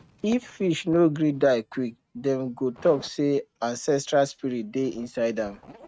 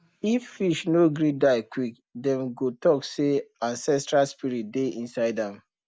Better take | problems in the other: second | noise reduction (neural mask model RNNoise)

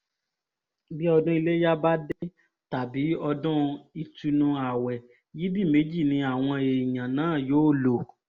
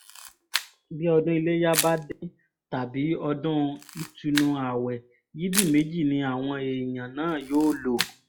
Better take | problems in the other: first | noise reduction (classical method log-MMSE)

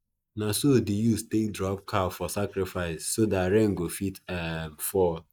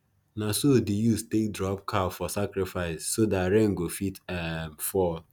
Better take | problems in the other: second | noise reduction (neural mask model Resemble Enhance denoiser)

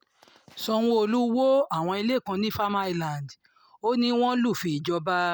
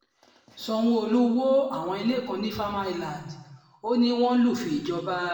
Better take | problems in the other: first | room echo; dies away in 1 s

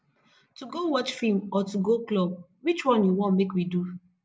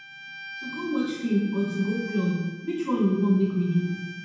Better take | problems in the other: first | background sound (Bowed string instrument); 16 dB below the speech // room echo; dies away in 1.1 s

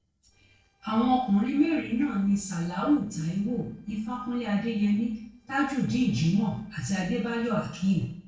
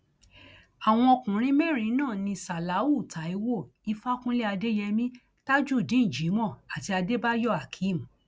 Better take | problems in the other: second | noise reduction (neural separator model SepFormer DNS4)

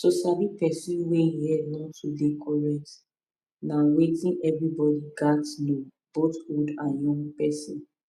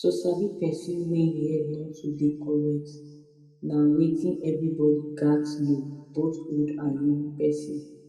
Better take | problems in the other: first | room echo; dies away in 1.3 s

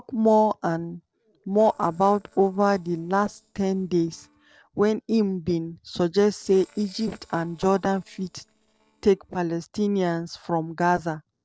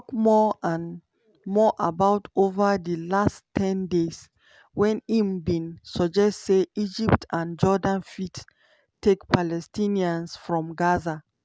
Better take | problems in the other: second | noise reduction (neural separator model SepFormer DNS4)

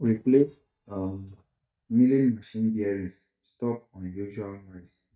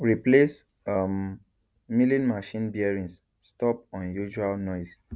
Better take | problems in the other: second | noise reduction (neural mask model DeepFilterNet 3)

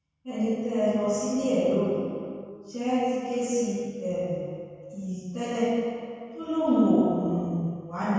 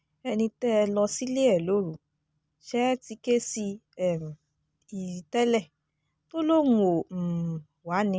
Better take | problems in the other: second | room echo; dies away in 2.1 s

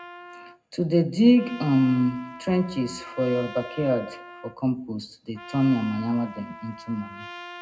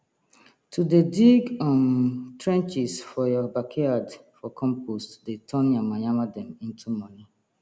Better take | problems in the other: second | background sound (Trumpet); 17 dB below the speech // room echo; dies away in 0.3 s

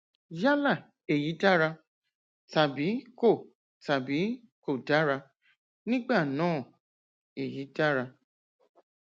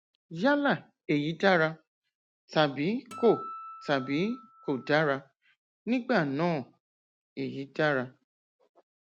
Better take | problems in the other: first | background sound (Acoustic guitar); 14 dB below the speech

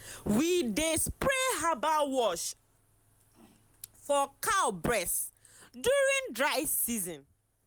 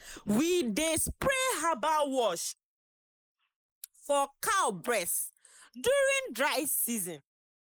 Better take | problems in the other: first | noise reduction (neural mask model Resemble Enhance denoiser)

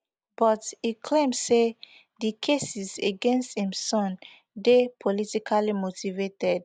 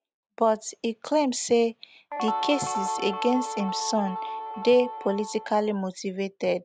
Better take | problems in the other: first | background sound (Guitar); 6 dB below the speech

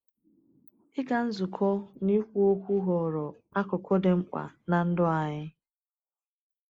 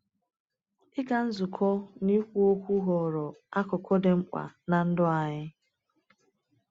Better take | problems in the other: second | noise reduction (neural mask model Resemble Enhance denoiser)

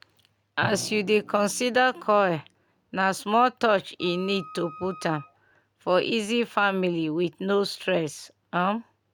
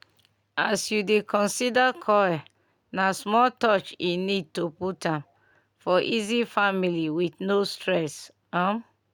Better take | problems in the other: second | background sound (Drum + Wind instrument, woodwind instrument); 20 dB below the speech

